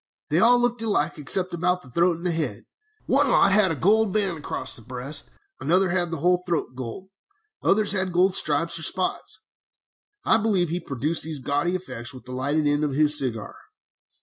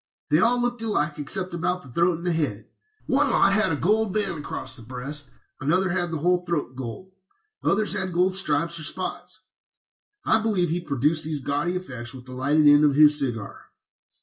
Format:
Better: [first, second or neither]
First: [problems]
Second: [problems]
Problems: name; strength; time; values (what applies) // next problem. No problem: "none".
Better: first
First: none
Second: room echo; dies away in 0.2 s